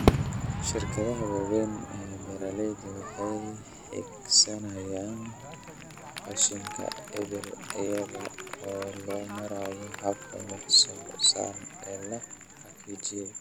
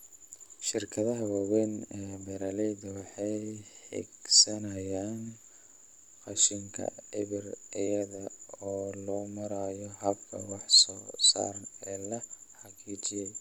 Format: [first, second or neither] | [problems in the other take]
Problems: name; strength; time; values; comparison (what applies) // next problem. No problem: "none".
second | background sound (Crowd / Fireworks); 5 dB below the speech